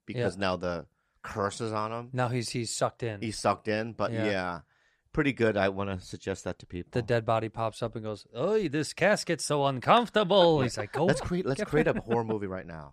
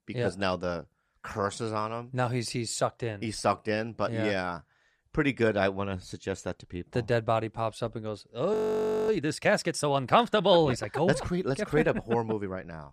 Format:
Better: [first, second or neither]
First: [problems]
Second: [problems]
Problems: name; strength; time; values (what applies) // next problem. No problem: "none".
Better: first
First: none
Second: audio freezing; at 8.5 s for 0.5 s